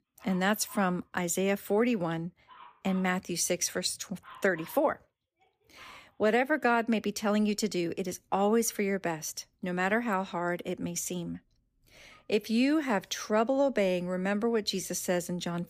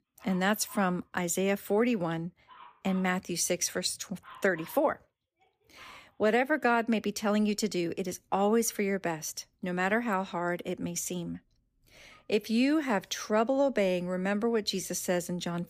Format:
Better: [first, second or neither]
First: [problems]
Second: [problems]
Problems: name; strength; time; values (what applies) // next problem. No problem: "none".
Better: neither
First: animal sounds; faint; throughout; 25 dB below the speech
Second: animal sounds; faint; throughout; 25 dB below the speech